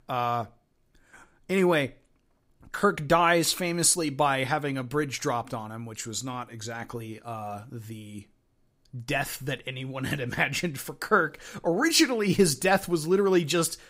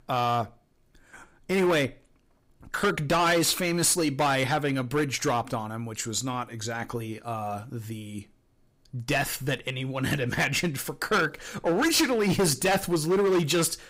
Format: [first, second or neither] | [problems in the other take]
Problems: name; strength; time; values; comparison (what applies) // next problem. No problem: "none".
first | distortion; heavy; 9% of the sound clipped